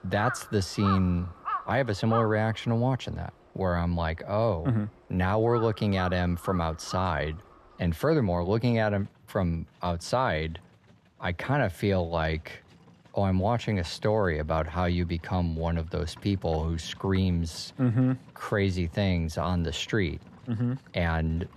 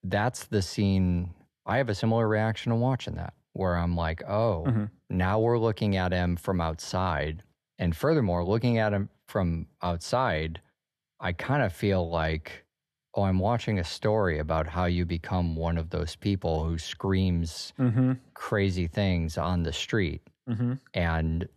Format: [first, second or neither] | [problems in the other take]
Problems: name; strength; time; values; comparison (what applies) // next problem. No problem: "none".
second | animal sounds; noticeable; throughout; 10 dB below the speech